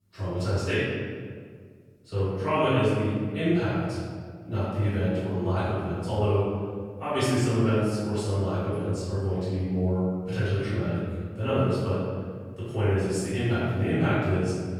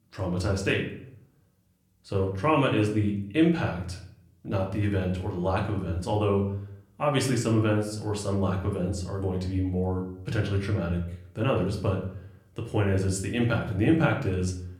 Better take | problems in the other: second | room echo; strong; dies away in 1.7 s; slight in the second // off-mic speech; far; somewhat distant in the second

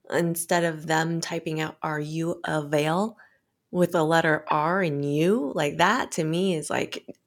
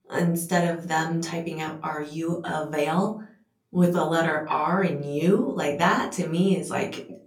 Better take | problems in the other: first | off-mic speech; far // room echo; very slight; dies away in 0.3 s

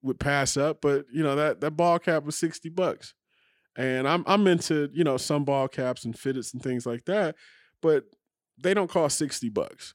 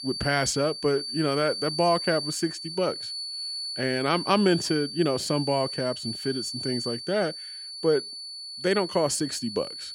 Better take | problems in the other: first | high-pitched whine; loud; throughout; 4.5 kHz, 6 dB below the speech

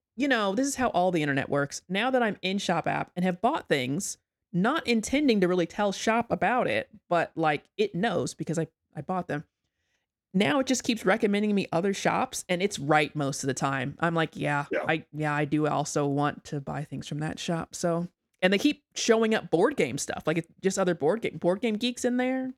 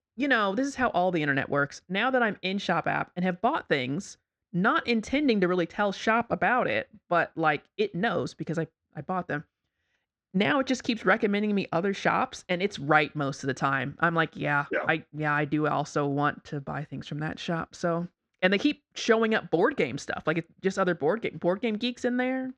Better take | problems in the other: first | muffled; very slightly; fading above 5 kHz

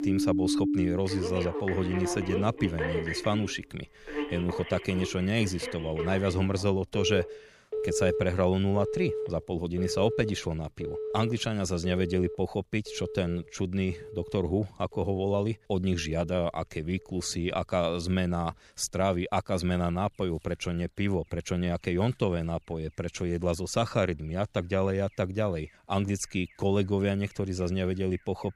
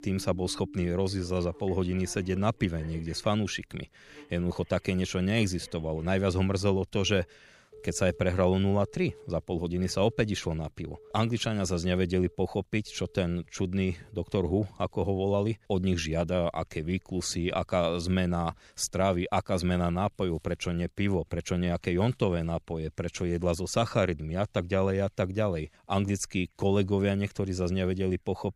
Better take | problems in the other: second | alarms or sirens; loud; throughout; 5 dB below the speech; faint in the second

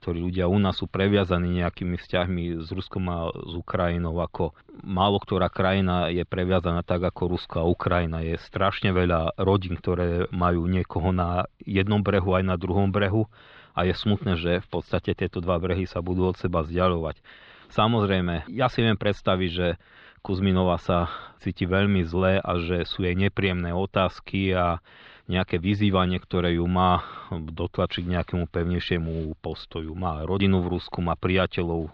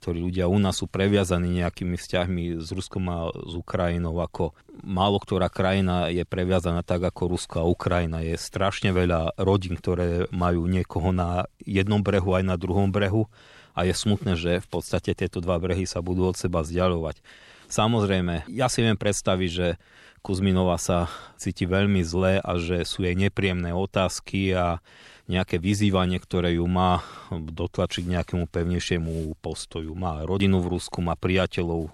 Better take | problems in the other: second | muffled; slightly; fading above 4 kHz

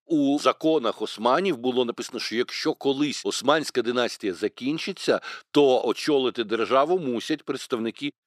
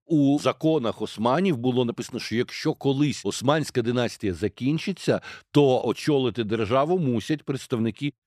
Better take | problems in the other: second | thin; very slightly; fading below 350 Hz

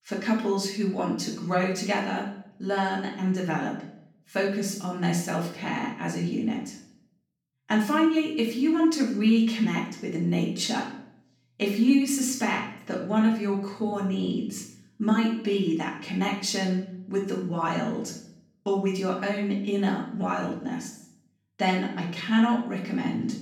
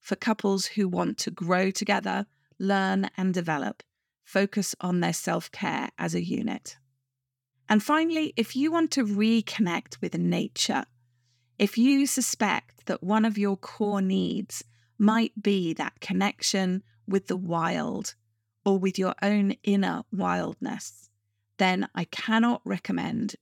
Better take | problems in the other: second | room echo; noticeable; dies away in 0.6 s // off-mic speech; far

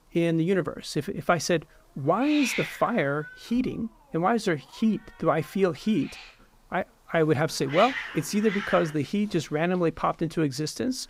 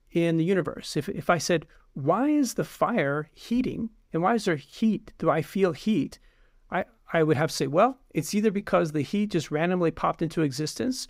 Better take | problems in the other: second | hiss; loud; throughout; 8 dB below the speech

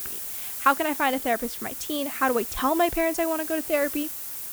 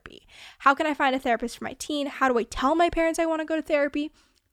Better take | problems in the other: second | hiss; loud; throughout; 4 dB below the speech

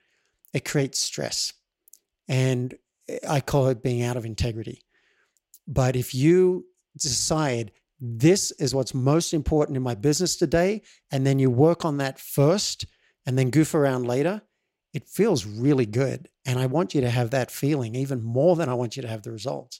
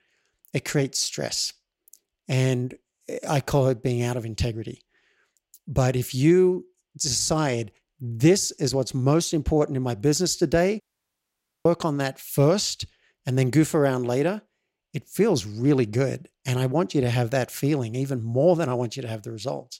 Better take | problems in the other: first | audio cutting out; at 11 s for 1 s

